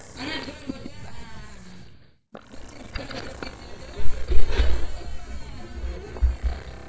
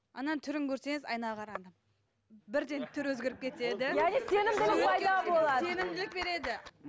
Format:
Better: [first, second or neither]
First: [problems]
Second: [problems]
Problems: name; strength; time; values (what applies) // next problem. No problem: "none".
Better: second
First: noise reduction (neural mask model DeepFilterNet 3)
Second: none